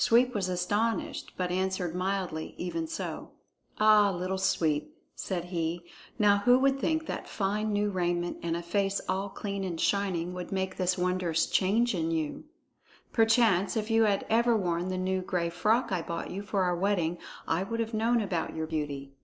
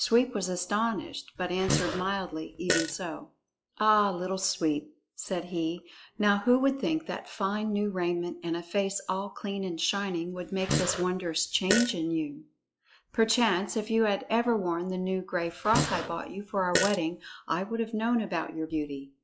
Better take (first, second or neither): first